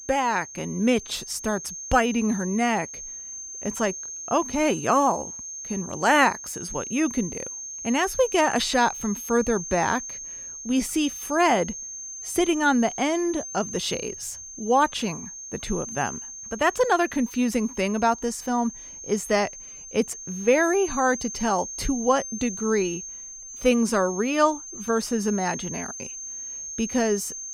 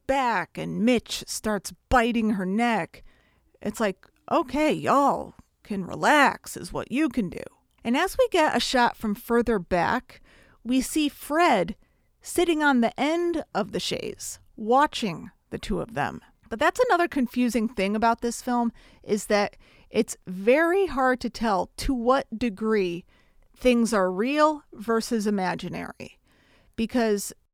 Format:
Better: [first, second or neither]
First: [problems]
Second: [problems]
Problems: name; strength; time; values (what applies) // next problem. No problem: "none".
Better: second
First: high-pitched whine; loud; throughout; 6.5 kHz, 10 dB below the speech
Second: none